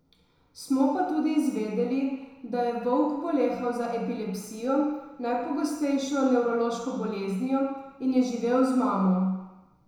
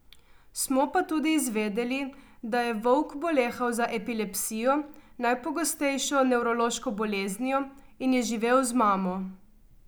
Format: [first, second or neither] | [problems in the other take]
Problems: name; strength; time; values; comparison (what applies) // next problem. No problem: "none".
second | room echo; dies away in 1 s